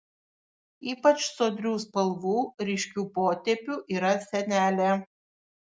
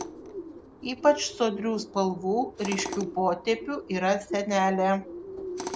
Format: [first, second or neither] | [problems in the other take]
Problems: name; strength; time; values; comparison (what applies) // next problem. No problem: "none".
first | background sound (Tools + Bird); 11 dB below the speech